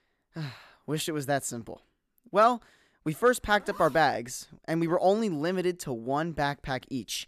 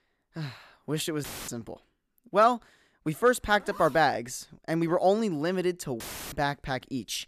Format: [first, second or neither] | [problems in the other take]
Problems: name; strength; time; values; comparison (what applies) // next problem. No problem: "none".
first | audio cutting out; filled with static; at 1 s and at 6 s